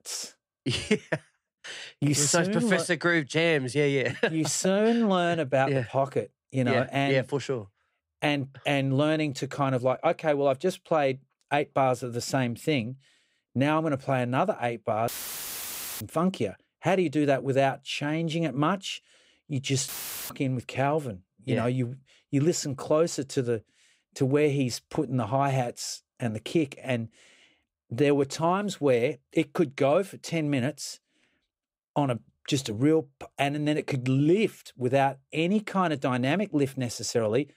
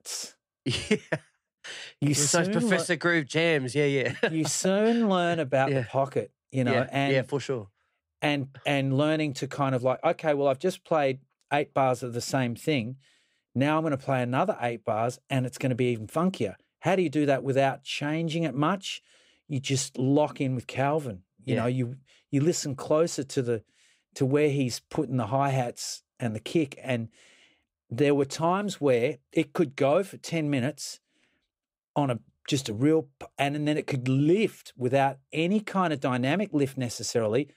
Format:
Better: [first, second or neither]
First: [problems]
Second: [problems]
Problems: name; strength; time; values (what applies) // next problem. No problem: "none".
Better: second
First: audio cutting out; filled with static; at 15 s for 1 s and at 20 s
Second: none